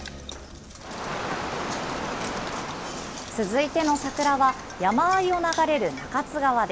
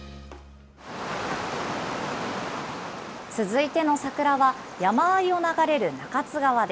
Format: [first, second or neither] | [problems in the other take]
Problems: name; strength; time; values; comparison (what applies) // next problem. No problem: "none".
second | background sound (Knock); 14 dB below the speech